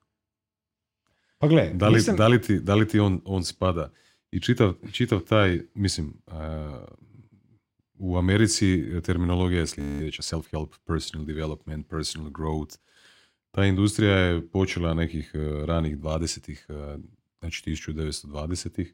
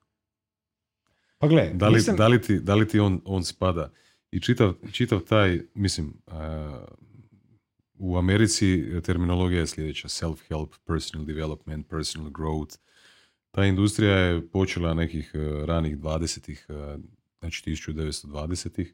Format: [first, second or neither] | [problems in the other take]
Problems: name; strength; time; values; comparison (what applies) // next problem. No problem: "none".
second | audio freezing; at 10 s